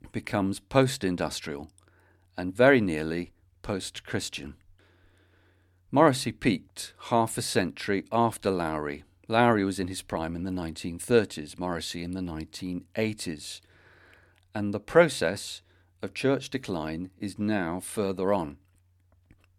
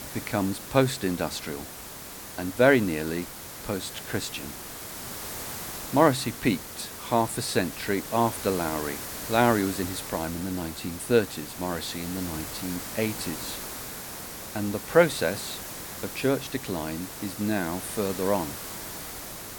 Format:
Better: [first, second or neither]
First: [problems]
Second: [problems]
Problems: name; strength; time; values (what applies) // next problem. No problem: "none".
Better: first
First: none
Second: hiss; loud; throughout; 9 dB below the speech